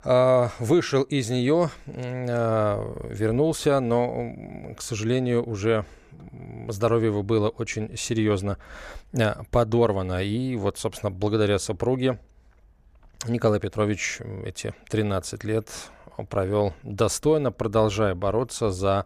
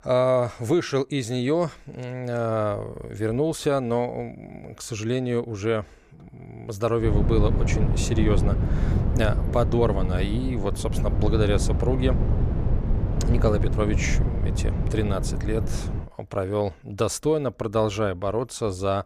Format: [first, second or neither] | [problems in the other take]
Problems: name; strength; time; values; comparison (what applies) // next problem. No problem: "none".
first | wind noise on the microphone; heavy; from 7 to 16 s; 9 dB below the speech